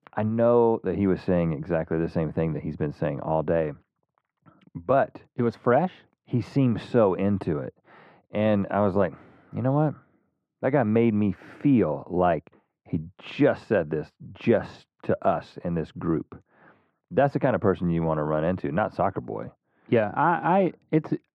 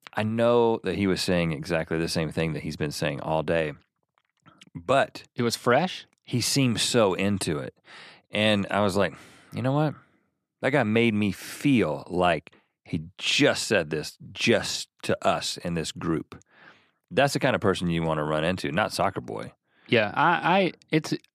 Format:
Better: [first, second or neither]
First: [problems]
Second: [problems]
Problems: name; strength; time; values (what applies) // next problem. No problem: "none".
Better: second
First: muffled; very; fading above 3 kHz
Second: none